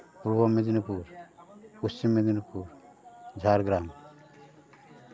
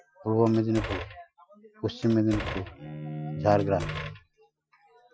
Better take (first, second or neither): first